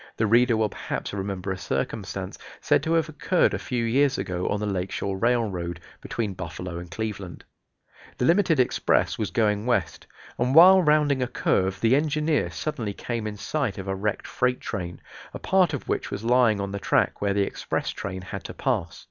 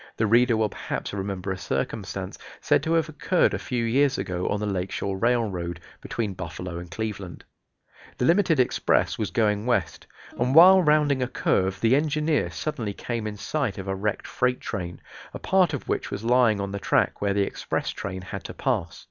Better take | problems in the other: first | background sound (Guitar); 17 dB below the speech

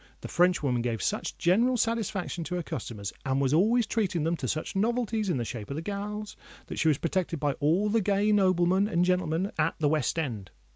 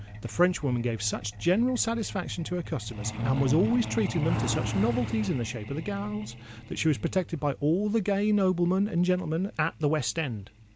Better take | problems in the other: first | background sound (Truck); 9 dB below the speech

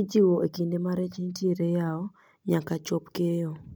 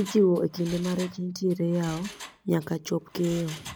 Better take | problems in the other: first | background sound (Mechanisms); 17 dB below the speech

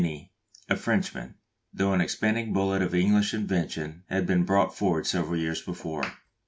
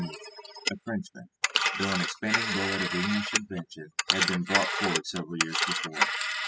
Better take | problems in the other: first | noise reduction (classical method spectral subtraction)

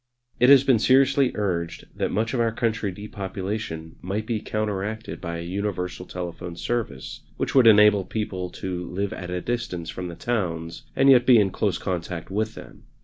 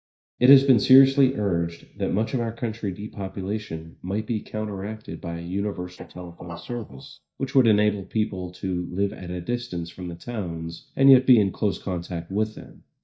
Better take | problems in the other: first | noise reduction (neural mask model DeepFilterNet 3)

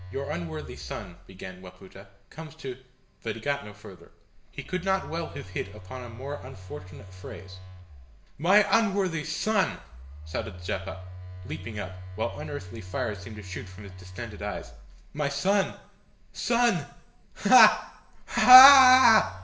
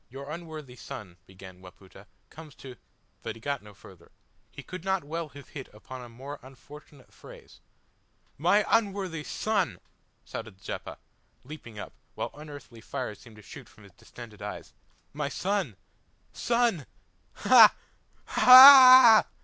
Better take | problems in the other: second | background sound (Telephone); 16 dB below the speech // room echo; dies away in 0.6 s

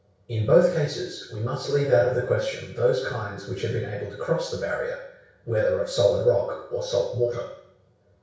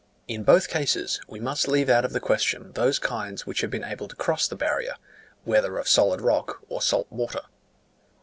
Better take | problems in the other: second | room echo; dies away in 0.6 s

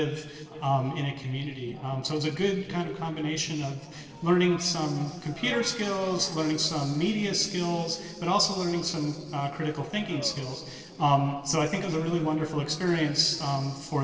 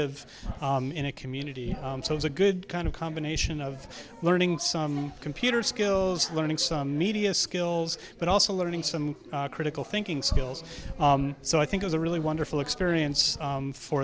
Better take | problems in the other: second | noise reduction (neural separator model SepFormer DNS4)

